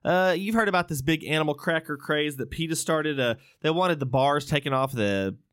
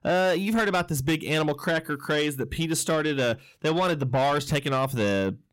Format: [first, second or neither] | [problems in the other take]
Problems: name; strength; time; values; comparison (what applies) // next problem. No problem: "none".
first | distortion; slight; 10 dB below the speech